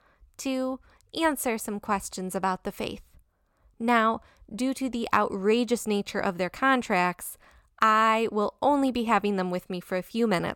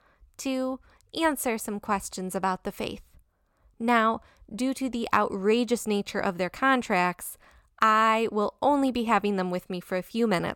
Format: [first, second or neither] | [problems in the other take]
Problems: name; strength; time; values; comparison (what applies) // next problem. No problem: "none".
neither | none